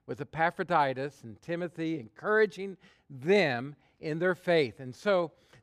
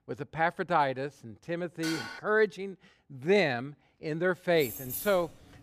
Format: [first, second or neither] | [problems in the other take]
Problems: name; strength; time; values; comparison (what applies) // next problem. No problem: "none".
first | clattering dishes; noticeable; at 2 s; peak 7 dB below the speech // jangling keys; noticeable; from 4.5 s on; peak 6 dB below the speech